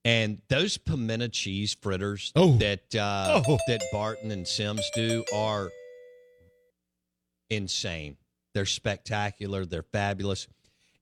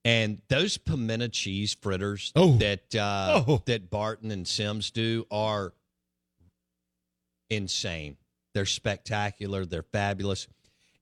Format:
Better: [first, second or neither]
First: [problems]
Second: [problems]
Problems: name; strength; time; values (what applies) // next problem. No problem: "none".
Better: second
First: doorbell; noticeable; from 3 to 6 s; peak 5 dB below the speech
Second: none